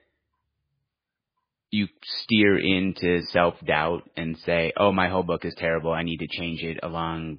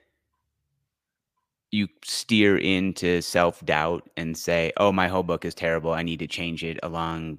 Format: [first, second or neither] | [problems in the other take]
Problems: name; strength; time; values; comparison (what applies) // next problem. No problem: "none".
second | garbled, watery; badly